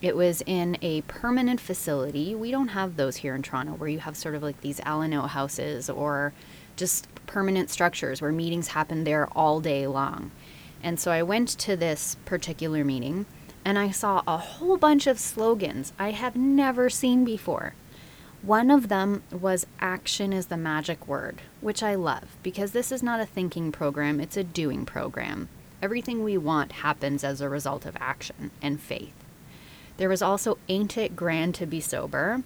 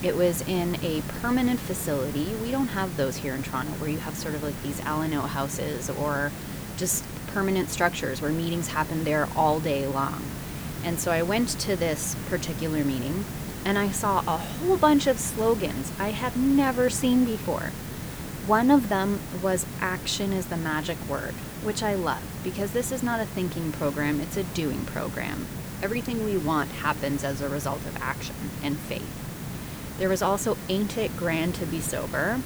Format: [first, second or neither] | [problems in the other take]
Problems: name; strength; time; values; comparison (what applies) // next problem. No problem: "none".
first | hiss; loud; throughout; 8 dB below the speech; faint in the first